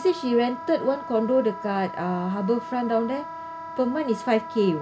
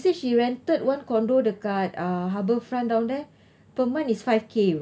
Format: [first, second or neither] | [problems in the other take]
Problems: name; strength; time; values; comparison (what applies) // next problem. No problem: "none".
second | background sound (Wind instrument, woodwind instrument); 12 dB below the speech